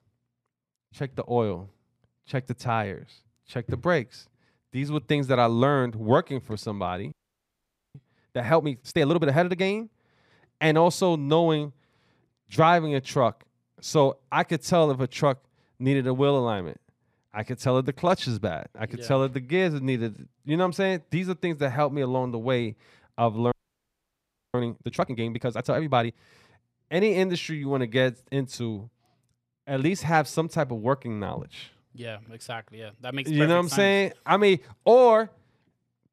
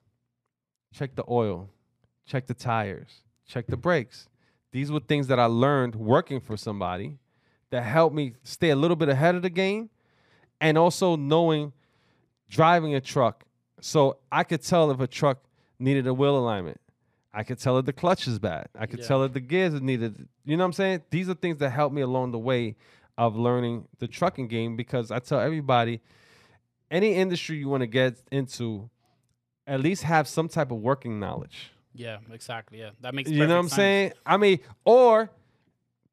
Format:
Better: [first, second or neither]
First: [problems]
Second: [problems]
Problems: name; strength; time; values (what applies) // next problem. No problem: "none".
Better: second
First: audio freezing; at 7 s for 1 s and at 24 s for 1 s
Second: none